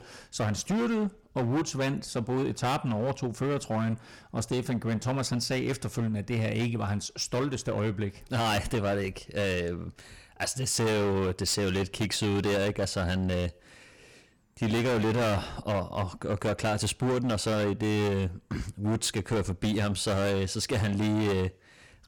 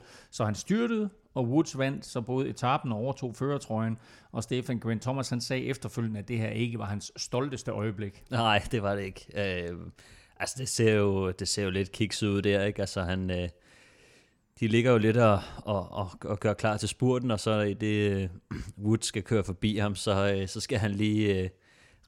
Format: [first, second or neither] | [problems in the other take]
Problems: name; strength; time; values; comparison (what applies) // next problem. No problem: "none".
second | distortion; heavy; 19% of the sound clipped